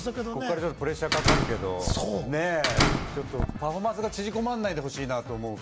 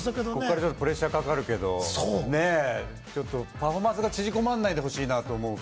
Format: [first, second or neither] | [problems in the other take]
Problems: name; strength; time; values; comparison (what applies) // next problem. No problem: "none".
second | background sound (Slam); 3 dB above the speech